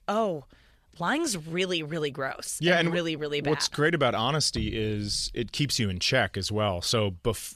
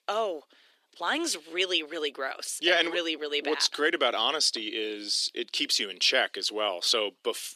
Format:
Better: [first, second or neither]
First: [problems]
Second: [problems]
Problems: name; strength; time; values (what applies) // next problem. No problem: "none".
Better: first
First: none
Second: thin; somewhat; fading below 300 Hz